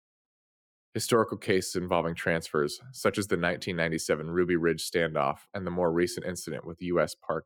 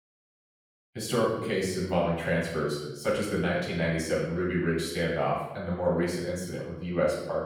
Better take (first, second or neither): first